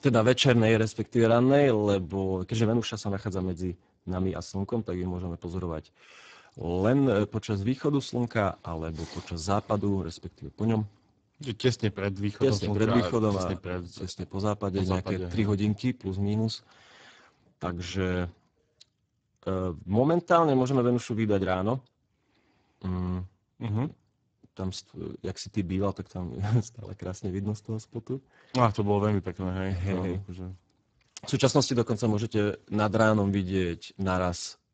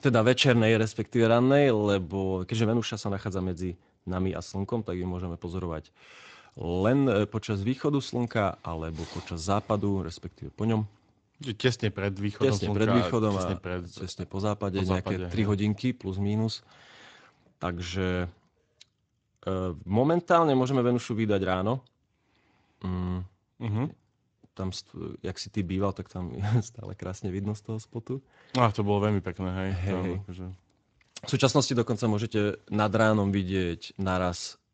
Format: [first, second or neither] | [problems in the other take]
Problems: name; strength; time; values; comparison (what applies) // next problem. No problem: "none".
second | garbled, watery; badly; nothing above 7.5 kHz; slightly in the second